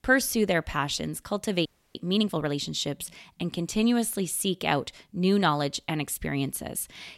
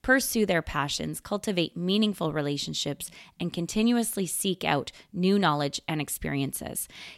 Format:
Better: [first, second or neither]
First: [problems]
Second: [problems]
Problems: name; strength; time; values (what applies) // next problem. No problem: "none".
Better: second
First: audio freezing; at 1.5 s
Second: none